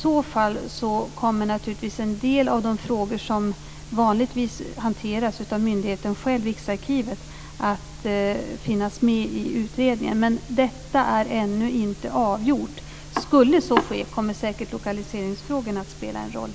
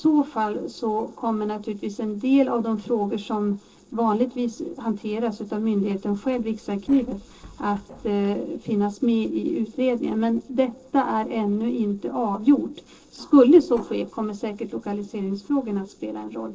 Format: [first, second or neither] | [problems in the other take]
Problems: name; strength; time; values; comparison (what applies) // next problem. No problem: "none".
first | noise reduction (neural separator model SepFormer DNS4)